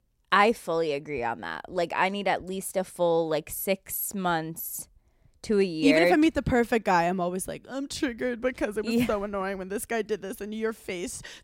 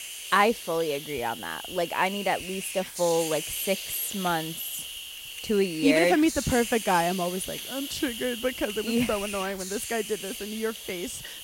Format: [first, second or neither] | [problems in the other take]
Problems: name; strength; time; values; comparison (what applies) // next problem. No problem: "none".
first | hiss; loud; throughout; 7 dB below the speech